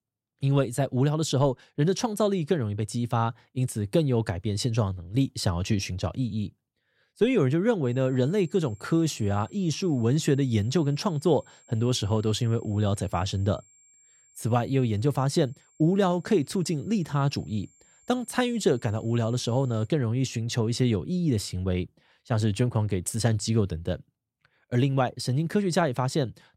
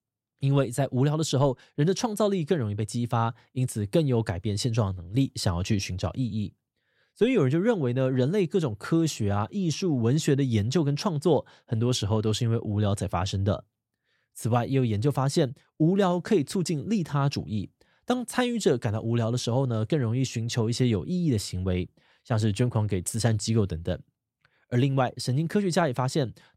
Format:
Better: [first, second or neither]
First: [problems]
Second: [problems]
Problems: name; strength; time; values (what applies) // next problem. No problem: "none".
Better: second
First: high-pitched whine; faint; from 8 to 20 s; 7.5 kHz, 30 dB below the speech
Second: none